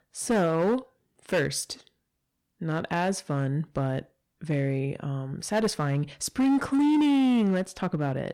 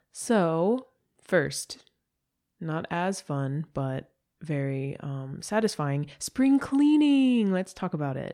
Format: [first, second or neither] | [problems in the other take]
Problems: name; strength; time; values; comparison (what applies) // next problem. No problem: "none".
second | distortion; slight; 10% of the sound clipped